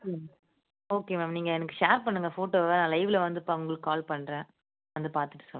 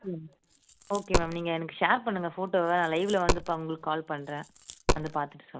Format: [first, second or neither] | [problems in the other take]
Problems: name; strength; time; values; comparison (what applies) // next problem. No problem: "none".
first | background sound (Coin (dropping)); 2 dB below the speech